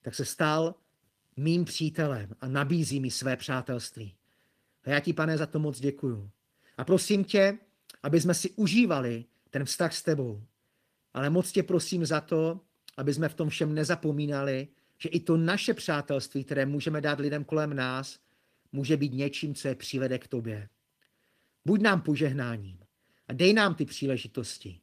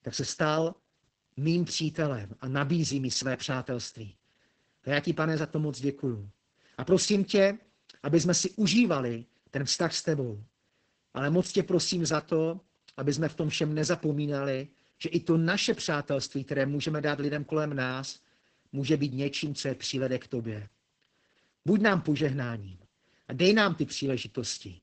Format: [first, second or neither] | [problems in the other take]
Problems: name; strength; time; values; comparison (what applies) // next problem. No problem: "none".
first | garbled, watery; badly; nothing above 8 kHz; slightly in the first